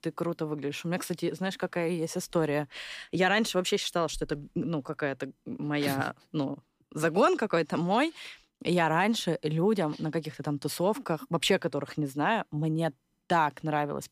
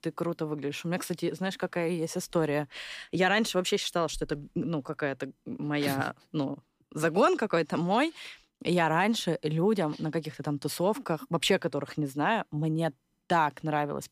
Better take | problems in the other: neither | none

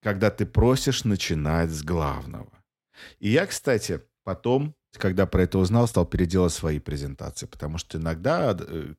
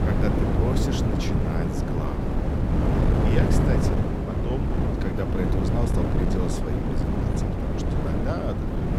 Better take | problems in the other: first | wind noise on the microphone; heavy; 4 dB above the speech

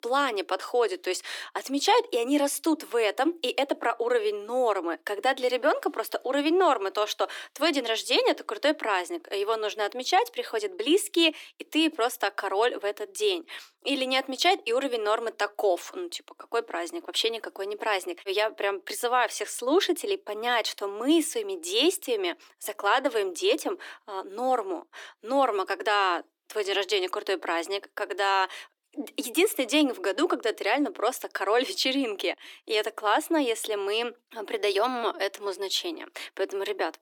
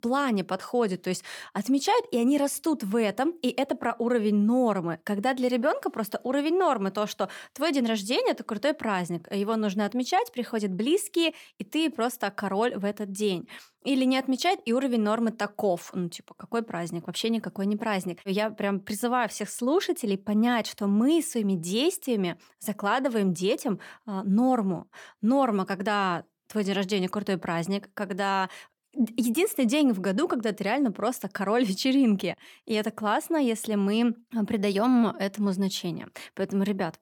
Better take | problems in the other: second | thin; somewhat; fading below 300 Hz

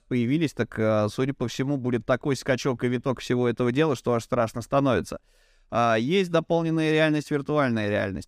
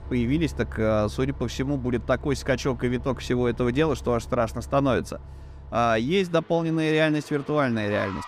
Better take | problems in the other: first | traffic noise; noticeable; throughout; 15 dB below the speech

